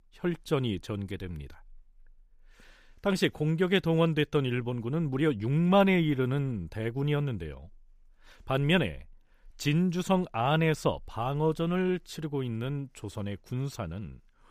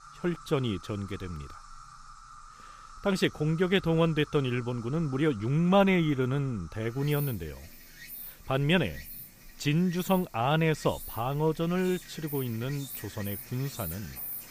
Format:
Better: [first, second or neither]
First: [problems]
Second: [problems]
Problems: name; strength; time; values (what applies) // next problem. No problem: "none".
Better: first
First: none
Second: animal sounds; noticeable; throughout; 15 dB below the speech